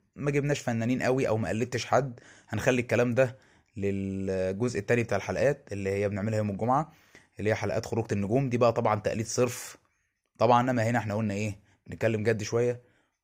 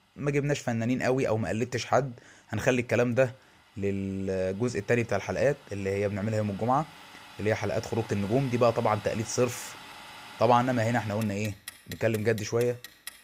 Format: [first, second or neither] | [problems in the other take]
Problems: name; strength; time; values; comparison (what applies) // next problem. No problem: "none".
first | household noises; noticeable; throughout; 20 dB below the speech